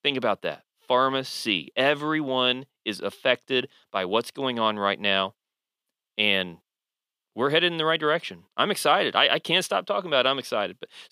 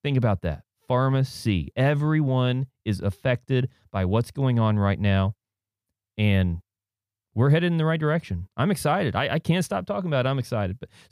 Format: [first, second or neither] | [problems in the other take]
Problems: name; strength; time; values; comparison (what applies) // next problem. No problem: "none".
second | thin; very; fading below 300 Hz